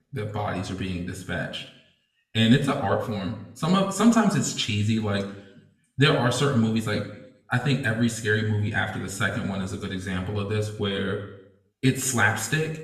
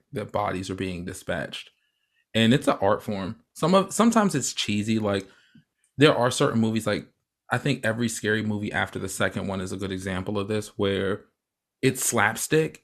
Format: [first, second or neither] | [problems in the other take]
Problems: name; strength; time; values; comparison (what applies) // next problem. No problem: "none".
second | room echo; slight; dies away in 0.7 s // off-mic speech; somewhat distant